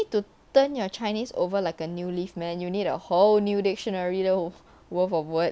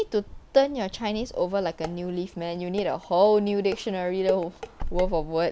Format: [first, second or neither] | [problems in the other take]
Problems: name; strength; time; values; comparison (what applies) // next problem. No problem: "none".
first | background sound (Dishes, pots, and pans + Wind / Car); 11 dB below the speech